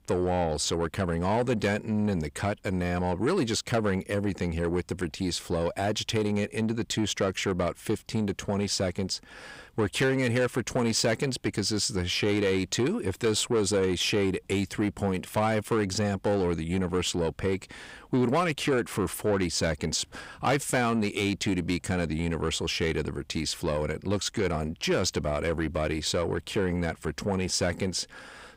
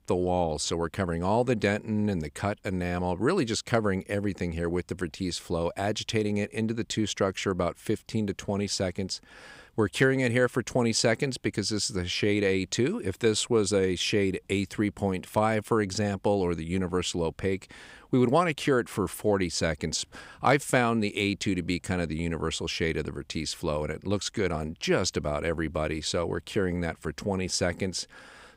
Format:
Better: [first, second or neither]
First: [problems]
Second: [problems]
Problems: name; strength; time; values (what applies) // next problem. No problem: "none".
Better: second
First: distortion; slight; 10 dB below the speech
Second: none